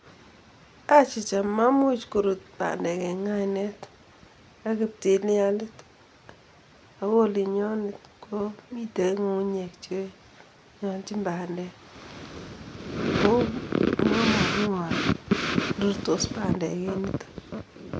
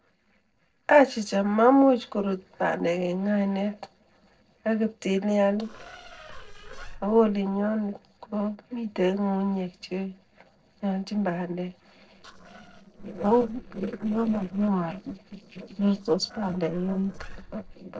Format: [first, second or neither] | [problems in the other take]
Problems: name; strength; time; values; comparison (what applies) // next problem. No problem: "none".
first | noise reduction (neural separator model SepFormer DNS4)